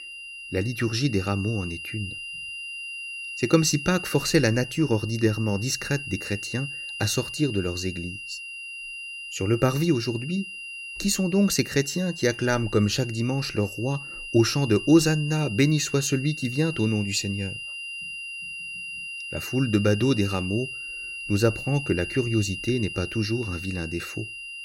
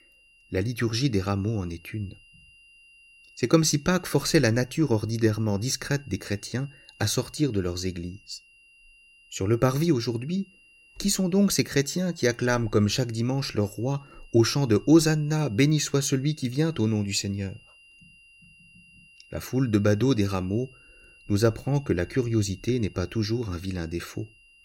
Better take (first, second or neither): second